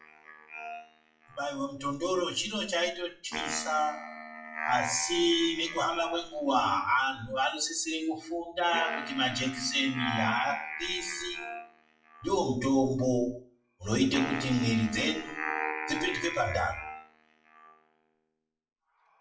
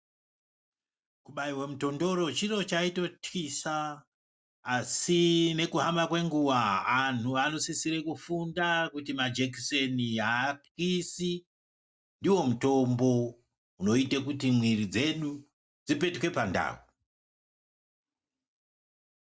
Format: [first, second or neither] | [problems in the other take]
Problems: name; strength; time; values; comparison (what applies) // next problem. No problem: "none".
second | noise reduction (classical method WPE with log-MMSE)